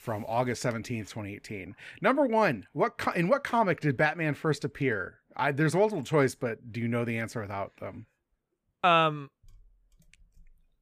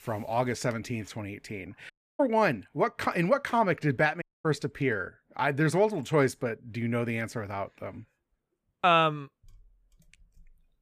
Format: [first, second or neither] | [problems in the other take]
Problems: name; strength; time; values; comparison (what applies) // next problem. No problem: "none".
first | audio cutting out; at 2 s and at 4 s